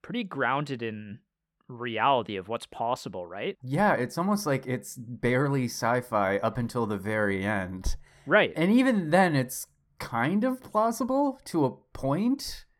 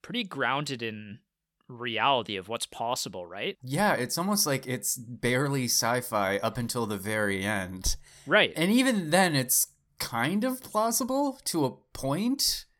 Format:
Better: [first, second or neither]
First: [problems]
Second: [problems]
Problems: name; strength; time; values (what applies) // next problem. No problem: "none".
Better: second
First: muffled; slightly; fading above 3 kHz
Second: none